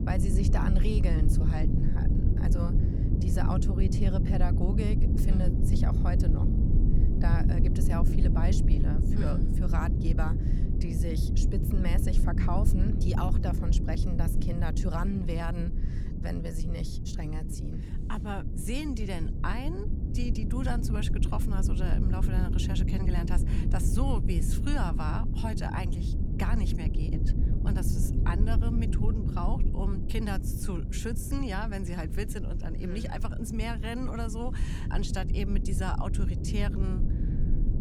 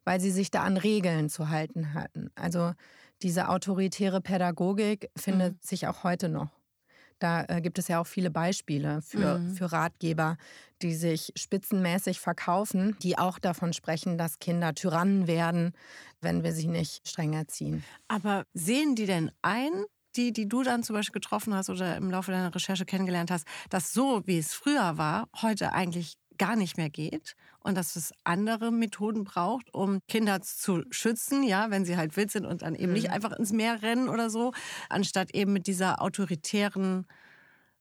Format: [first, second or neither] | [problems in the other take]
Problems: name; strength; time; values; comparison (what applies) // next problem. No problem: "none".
second | low rumble; loud; throughout; 3 dB below the speech